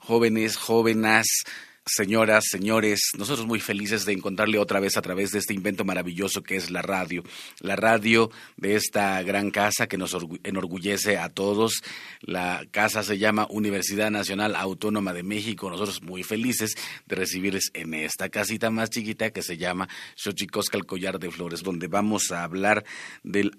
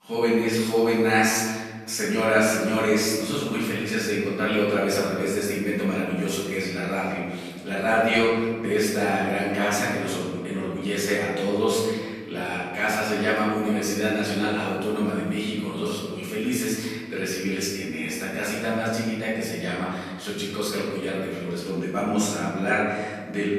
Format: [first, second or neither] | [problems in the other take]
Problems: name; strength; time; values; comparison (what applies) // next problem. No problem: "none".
first | room echo; noticeable; dies away in 1.6 s // off-mic speech; far